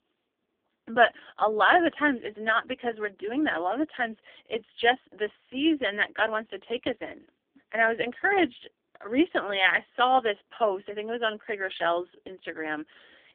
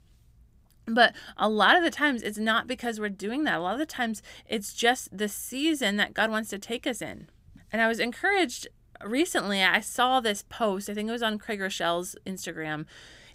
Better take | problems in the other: second | phone-call audio; poor line; nothing above 3.5 kHz

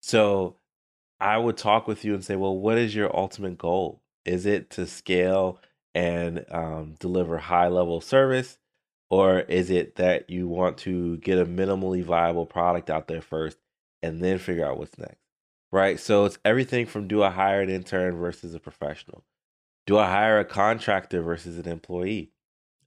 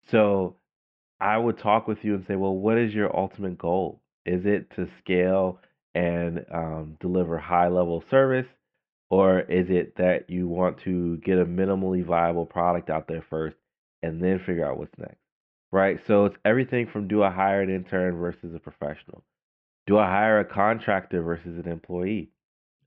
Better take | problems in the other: first | muffled; very; fading above 2.5 kHz

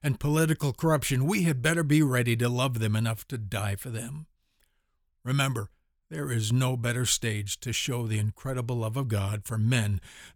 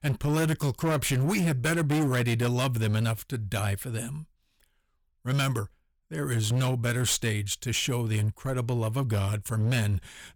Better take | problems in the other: first | distortion; slight; 13% of the sound clipped

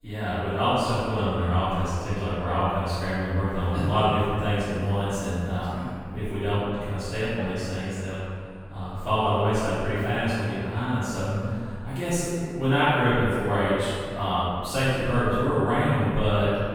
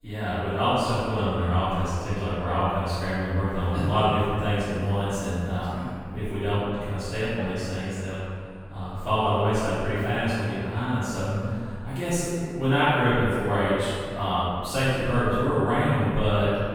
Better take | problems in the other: neither | off-mic speech; far; the same in both // room echo; strong; dies away in 1.9 s; the same in both

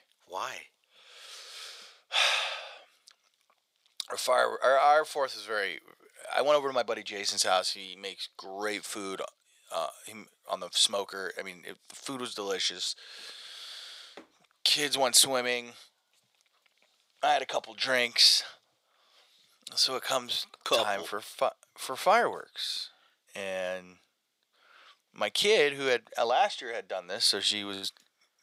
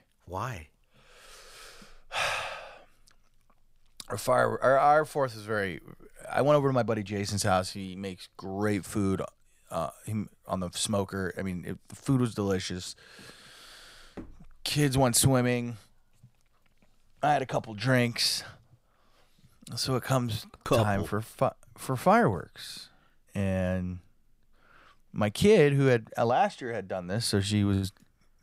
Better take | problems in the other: second | thin; very; fading below 550 Hz

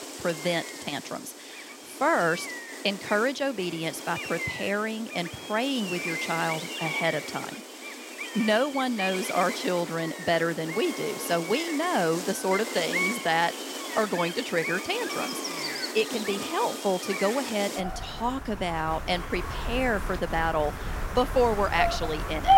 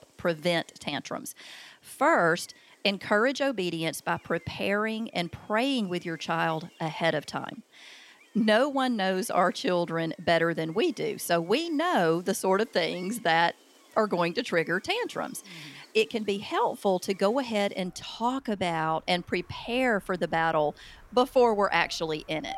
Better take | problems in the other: second | animal sounds; loud; throughout; 5 dB below the speech; faint in the second

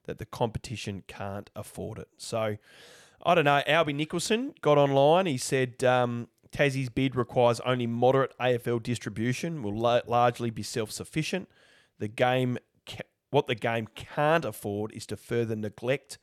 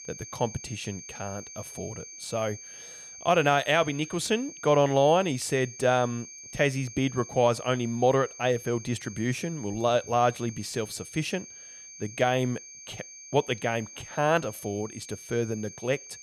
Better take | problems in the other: first | high-pitched whine; noticeable; throughout; 6.5 kHz, 15 dB below the speech

